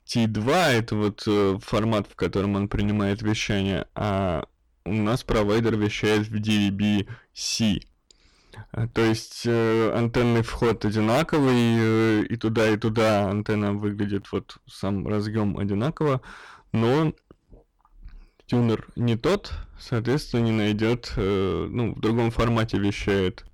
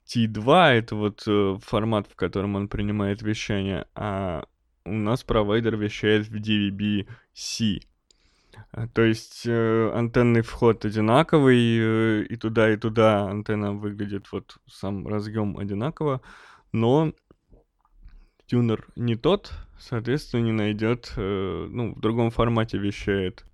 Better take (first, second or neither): second